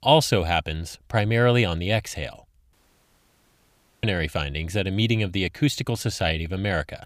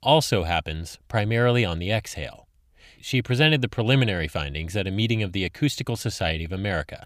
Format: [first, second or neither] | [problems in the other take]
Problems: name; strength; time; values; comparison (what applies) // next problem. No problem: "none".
second | audio cutting out; at 2.5 s for 1.5 s